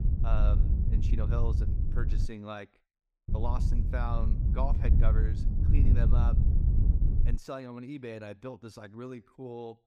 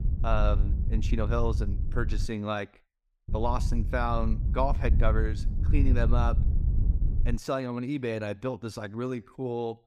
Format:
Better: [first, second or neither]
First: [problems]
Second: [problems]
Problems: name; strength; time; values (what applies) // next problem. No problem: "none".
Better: second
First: wind noise on the microphone; heavy; until 2.5 s and from 3.5 to 7.5 s; 3 dB below the speech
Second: wind noise on the microphone; occasional gusts; until 2.5 s and from 3.5 to 7.5 s; 15 dB below the speech